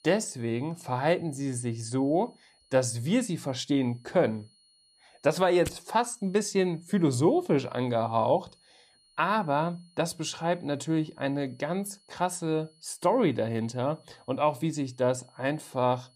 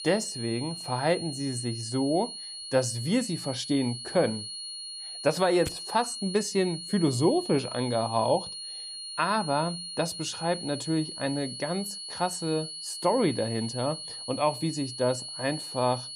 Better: first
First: high-pitched whine; faint; throughout; 4.5 kHz, 35 dB below the speech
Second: high-pitched whine; loud; throughout; 4.5 kHz, 8 dB below the speech

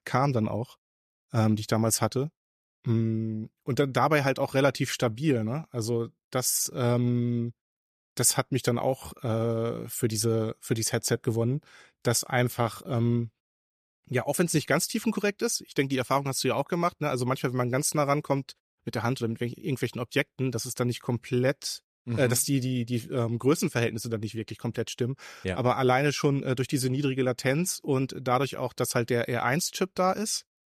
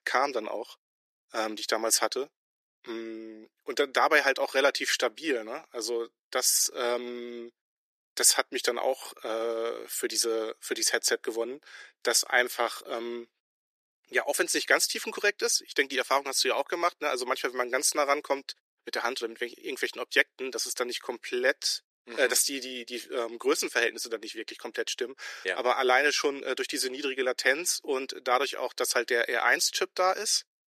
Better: first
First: none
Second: thin; very; fading below 350 Hz

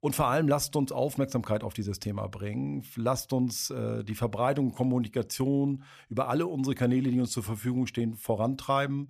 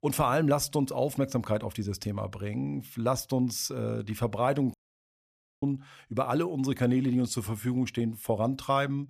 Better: first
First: none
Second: audio cutting out; at 4.5 s for 1 s

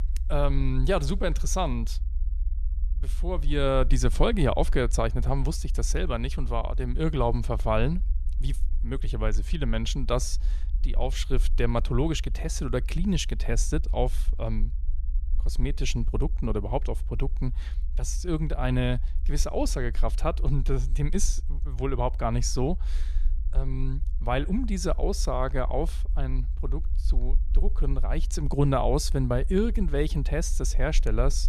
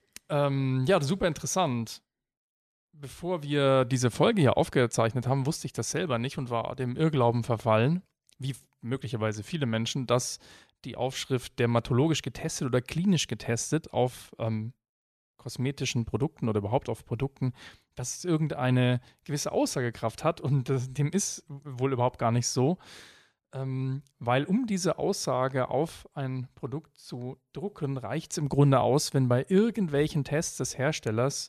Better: second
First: low rumble; faint; throughout; 25 dB below the speech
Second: none

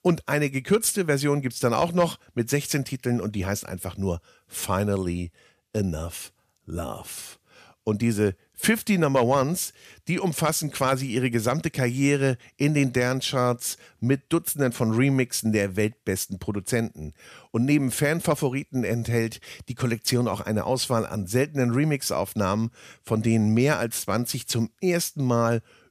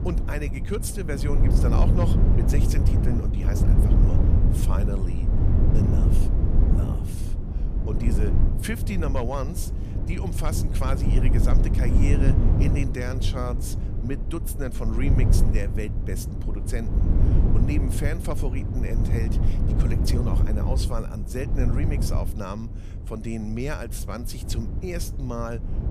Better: first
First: none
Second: low rumble; loud; throughout; 2 dB below the speech

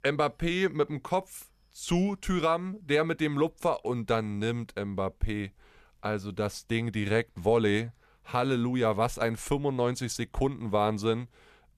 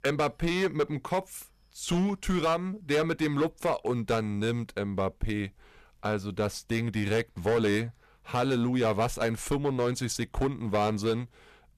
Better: first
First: none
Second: distortion; slight; 8% of the sound clipped

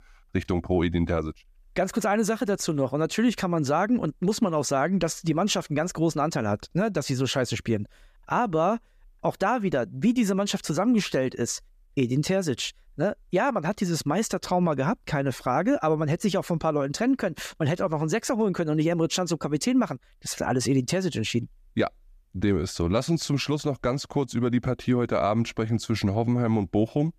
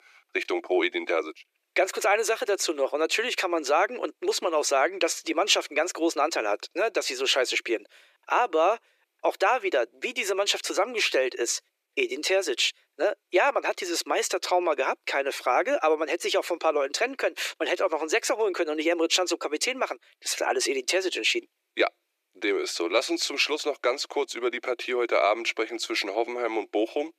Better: first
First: none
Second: thin; very; fading below 350 Hz

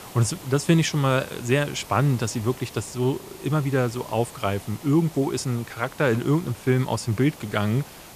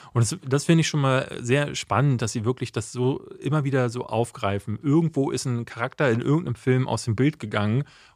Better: second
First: hiss; noticeable; throughout; 20 dB below the speech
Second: none

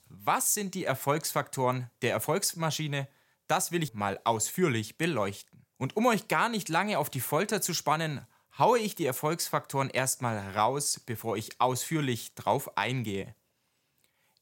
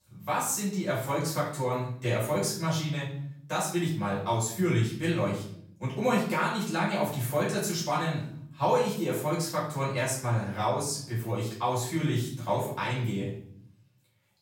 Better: first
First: none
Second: room echo; noticeable; dies away in 0.7 s // off-mic speech; far

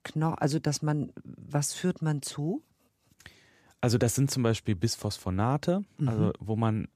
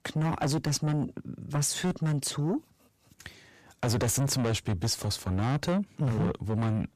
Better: first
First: none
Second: distortion; heavy; 6 dB below the speech

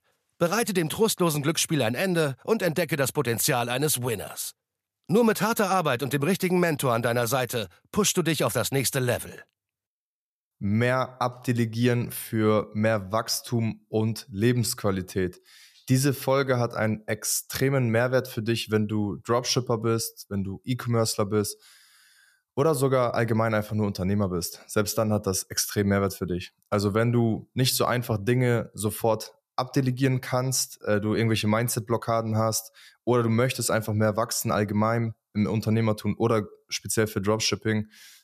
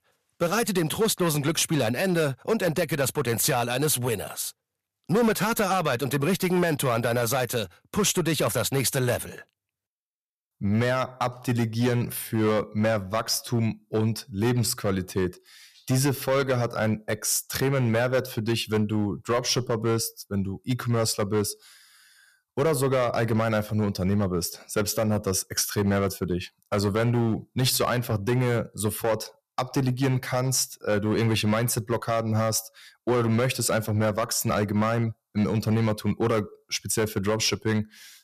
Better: first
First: none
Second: distortion; slight; 7% of the sound clipped

